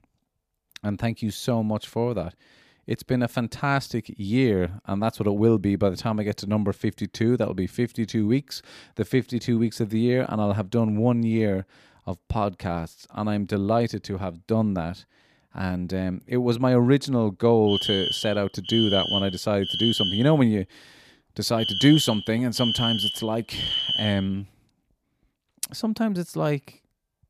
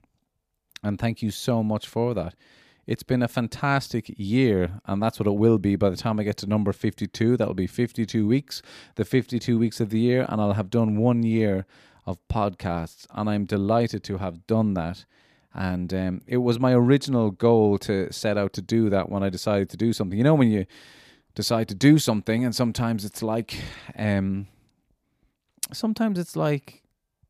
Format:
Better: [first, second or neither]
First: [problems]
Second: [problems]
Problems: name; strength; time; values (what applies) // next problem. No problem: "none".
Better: second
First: alarm; loud; from 18 to 24 s; peak 2 dB above the speech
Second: none